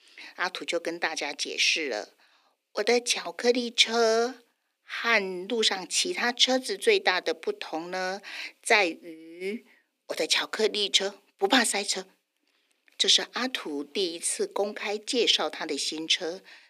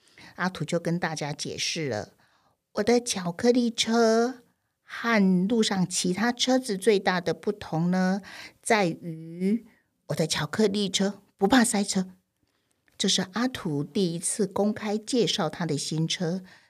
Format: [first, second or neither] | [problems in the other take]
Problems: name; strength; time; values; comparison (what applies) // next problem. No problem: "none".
second | thin; somewhat; fading below 250 Hz